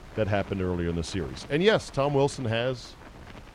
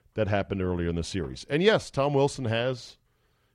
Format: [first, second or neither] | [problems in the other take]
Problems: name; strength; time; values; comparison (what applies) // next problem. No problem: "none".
second | wind noise on the microphone; occasional gusts; 20 dB below the speech